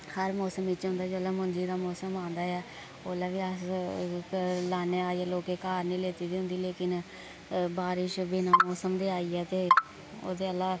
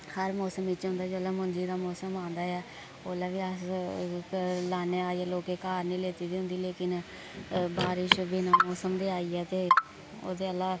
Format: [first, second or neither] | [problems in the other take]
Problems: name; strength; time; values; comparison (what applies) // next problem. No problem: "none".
first | background sound (Car); 4 dB below the speech